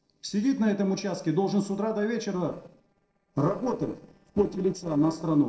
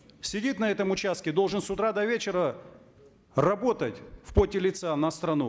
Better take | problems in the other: second | noise reduction (neural separator model SepFormer DNS4)

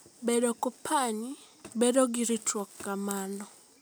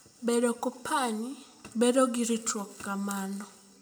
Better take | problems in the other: first | room echo; dies away in 0.5 s

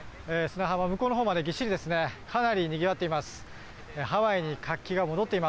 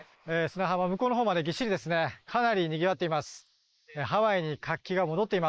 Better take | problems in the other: first | noise reduction (neural mask model Resemble Enhance denoiser)

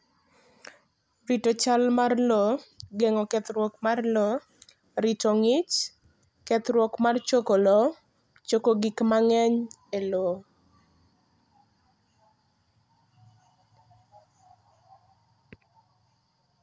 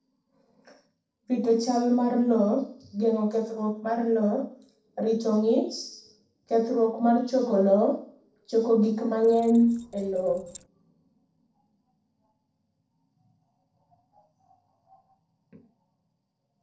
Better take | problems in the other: first | noise reduction (neural separator model SepFormer DNS4)

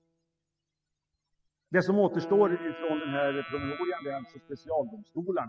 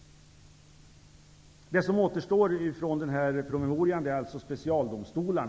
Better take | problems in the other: second | noise reduction (classical method spectral subtraction)

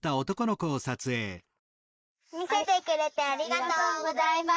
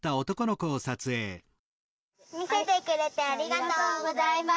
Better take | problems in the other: second | noise reduction (neural mask model Resemble Enhance denoiser)

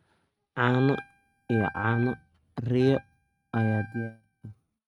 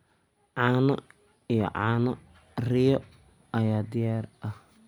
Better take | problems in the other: second | noise reduction (neural mask model RNNoise)

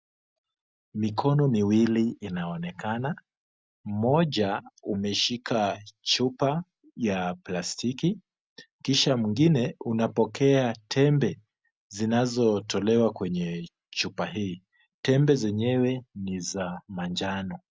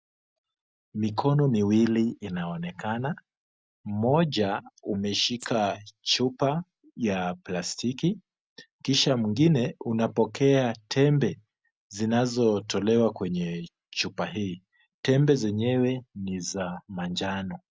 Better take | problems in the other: first | background sound (Rattle (instrument)); 19 dB below the speech

